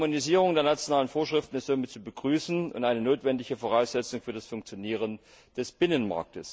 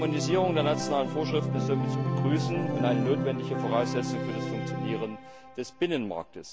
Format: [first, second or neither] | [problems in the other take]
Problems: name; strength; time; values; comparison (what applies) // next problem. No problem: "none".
first | background sound (Organ); as loud as the speech